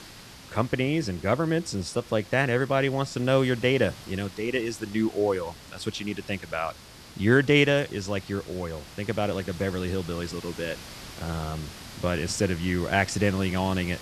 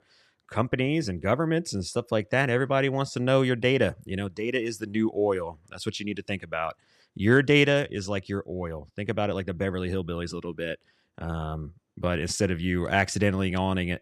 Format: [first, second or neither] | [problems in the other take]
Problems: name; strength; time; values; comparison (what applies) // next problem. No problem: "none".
second | hiss; noticeable; throughout; 15 dB below the speech